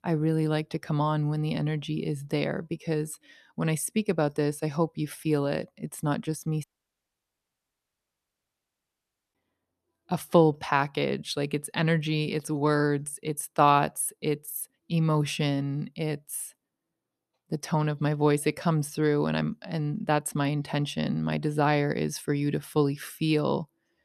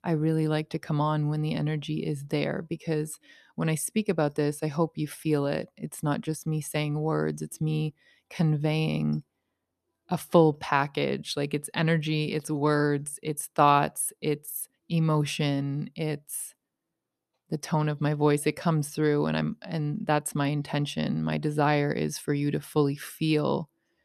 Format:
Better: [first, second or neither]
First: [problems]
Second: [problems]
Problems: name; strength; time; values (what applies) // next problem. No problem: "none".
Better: second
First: audio cutting out; at 6.5 s for 2.5 s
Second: none